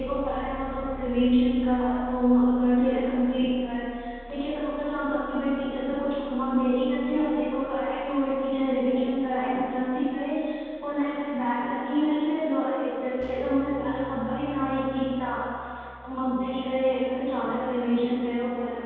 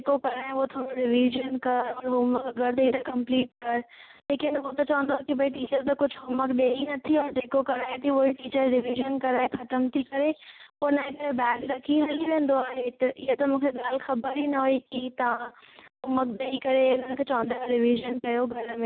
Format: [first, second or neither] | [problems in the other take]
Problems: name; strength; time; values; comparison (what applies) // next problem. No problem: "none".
second | background sound (Keyboard (musical)); 19 dB below the speech // room echo; dies away in 2.1 s